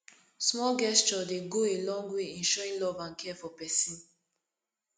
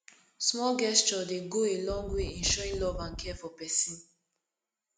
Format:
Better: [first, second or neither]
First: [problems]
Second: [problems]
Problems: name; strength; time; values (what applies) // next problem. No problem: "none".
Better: first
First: none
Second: background sound (Wind); 6 dB below the speech